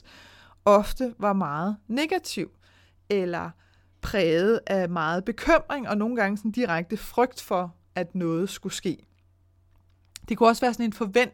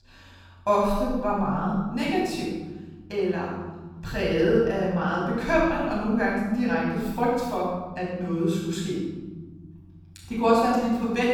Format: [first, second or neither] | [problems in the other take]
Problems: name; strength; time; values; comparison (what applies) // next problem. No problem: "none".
first | off-mic speech; far // room echo; strong; dies away in 2 s